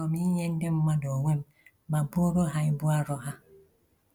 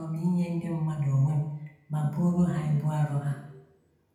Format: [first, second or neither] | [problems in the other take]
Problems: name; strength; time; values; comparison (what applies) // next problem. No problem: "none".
first | room echo; dies away in 0.8 s